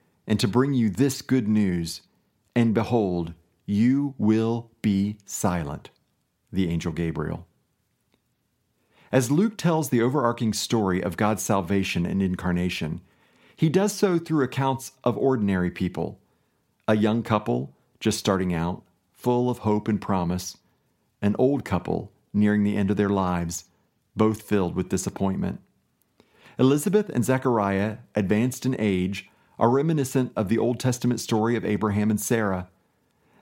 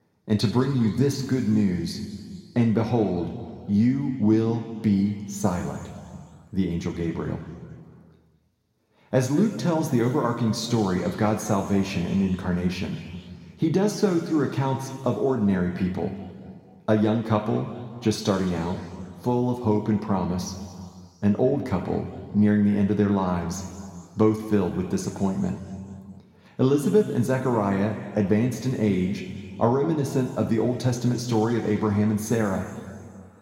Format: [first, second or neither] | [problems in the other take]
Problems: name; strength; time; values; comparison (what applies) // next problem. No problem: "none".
first | room echo; noticeable; dies away in 2.2 s